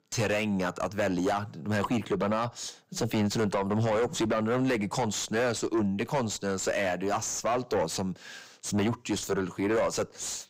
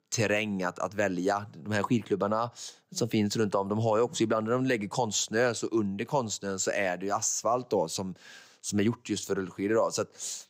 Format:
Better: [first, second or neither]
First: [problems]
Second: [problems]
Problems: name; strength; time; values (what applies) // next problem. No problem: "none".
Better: second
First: distortion; heavy; 7 dB below the speech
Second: none